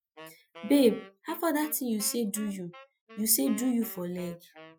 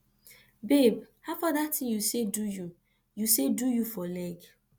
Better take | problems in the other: second | noise reduction (classical method Wiener filter)

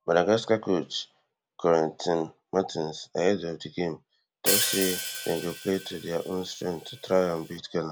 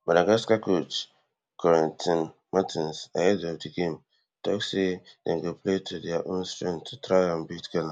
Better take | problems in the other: second | background sound (Hi-hat); 4 dB below the speech

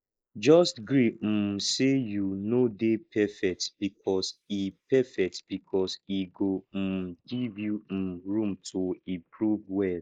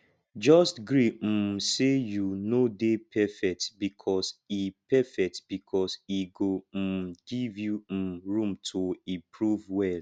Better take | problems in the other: second | noise reduction (neural mask model Resemble Enhance denoiser)

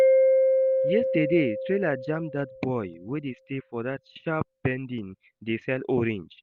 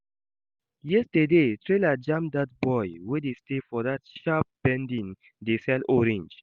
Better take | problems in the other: second | background sound (Mallet percussion); 2 dB above the speech

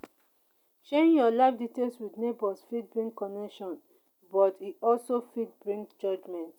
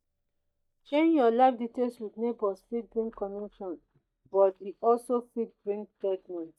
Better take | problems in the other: first | noise reduction (neural mask model DeepFilterNet 3)

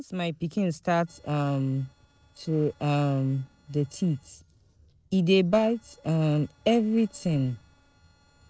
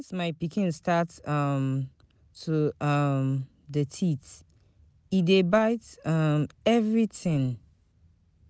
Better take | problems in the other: second | noise reduction (neural separator model SepFormer DNS4)

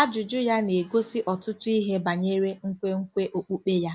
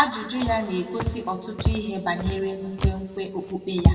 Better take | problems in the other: first | background sound (Walk, footsteps); as loud as the speech // room echo; dies away in 2.1 s

